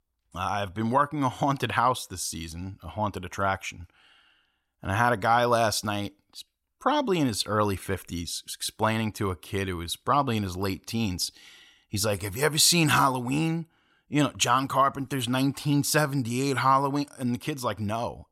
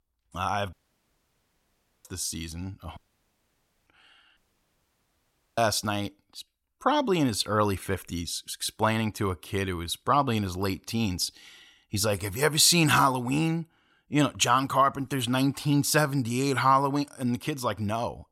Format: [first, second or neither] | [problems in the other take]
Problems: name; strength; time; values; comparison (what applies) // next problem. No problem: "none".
first | audio cutting out; at 0.5 s for 1.5 s, at 3 s for 1 s and at 4.5 s for 1 s